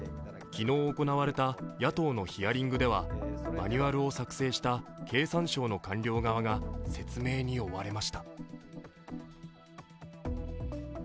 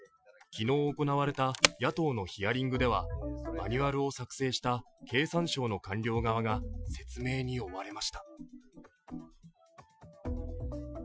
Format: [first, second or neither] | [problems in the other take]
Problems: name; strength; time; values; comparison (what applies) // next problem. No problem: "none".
first | noise reduction (classical method Wiener filter)